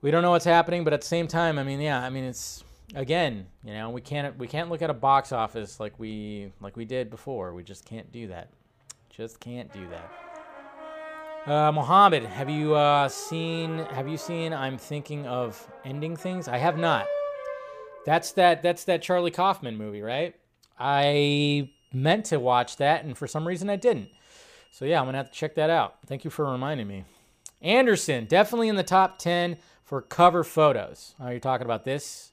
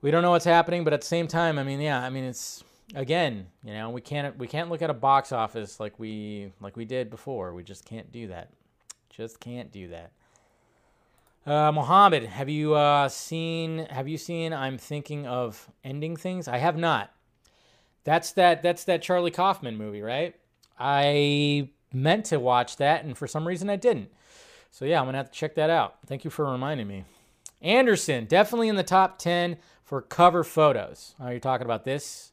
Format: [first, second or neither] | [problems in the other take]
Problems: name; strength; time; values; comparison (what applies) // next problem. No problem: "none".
second | background music; noticeable; throughout; 15 dB below the speech